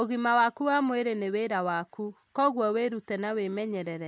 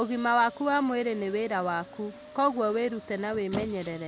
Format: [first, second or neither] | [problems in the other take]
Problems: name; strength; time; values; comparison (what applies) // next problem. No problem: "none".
first | background sound (Squeak); 16 dB below the speech